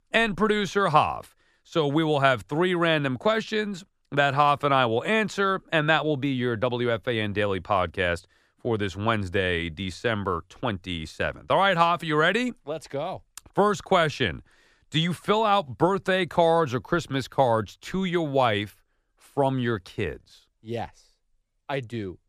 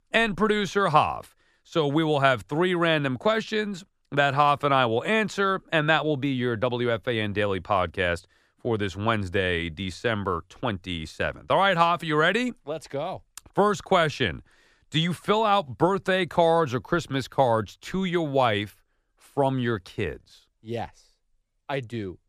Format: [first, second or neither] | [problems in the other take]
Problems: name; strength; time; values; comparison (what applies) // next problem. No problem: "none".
neither | none